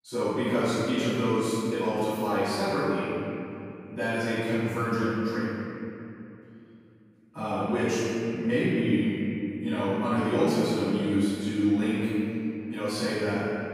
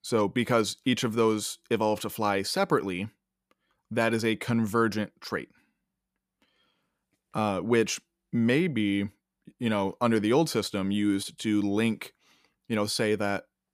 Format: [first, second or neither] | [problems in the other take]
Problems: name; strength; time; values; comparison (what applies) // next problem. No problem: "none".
second | room echo; strong; dies away in 2.8 s // off-mic speech; far